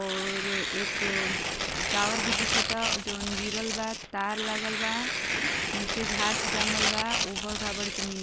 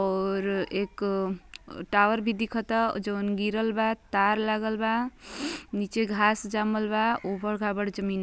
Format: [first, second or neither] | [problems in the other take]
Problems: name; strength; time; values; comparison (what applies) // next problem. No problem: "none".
second | background sound (Tearing); 4 dB above the speech